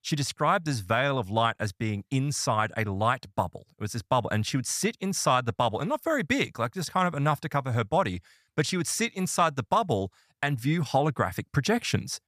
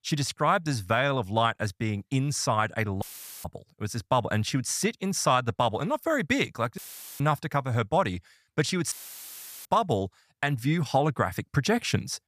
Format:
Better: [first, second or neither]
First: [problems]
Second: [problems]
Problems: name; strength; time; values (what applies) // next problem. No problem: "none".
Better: first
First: none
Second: audio cutting out; filled with static; at 3 s, at 7 s and at 9 s for 0.5 s